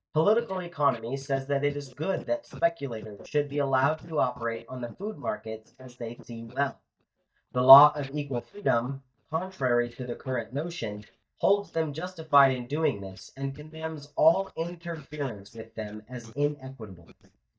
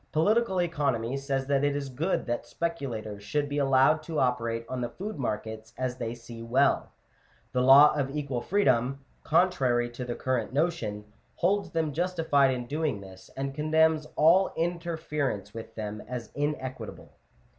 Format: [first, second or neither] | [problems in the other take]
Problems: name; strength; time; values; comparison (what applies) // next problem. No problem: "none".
second | noise reduction (neural mask model DeepFilterNet 3)